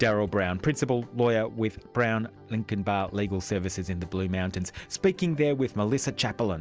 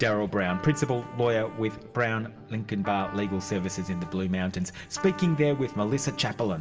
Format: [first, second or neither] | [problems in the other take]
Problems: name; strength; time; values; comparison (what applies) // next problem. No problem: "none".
first | background sound (Trumpet); 16 dB below the speech // room echo; dies away in 2.7 s